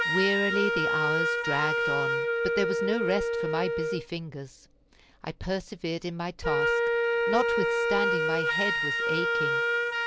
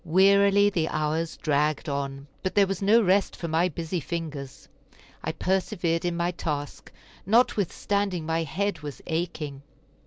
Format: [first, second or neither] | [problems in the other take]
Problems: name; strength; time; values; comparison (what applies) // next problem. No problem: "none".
second | background sound (Wind instrument, woodwind instrument); 4 dB above the speech